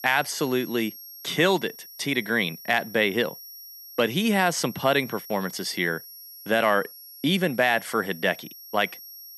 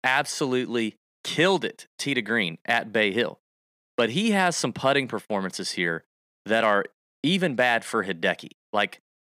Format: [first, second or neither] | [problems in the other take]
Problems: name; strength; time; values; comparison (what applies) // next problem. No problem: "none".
second | high-pitched whine; noticeable; throughout; 11.5 kHz, 15 dB below the speech